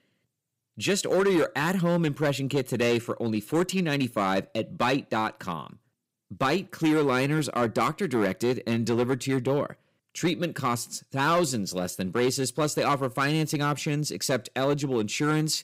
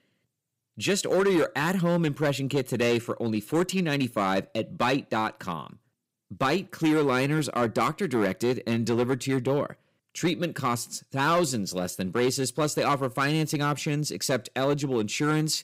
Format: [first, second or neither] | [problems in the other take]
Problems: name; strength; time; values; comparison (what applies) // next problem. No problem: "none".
neither | distortion; slight; 5% of the sound clipped; the same in both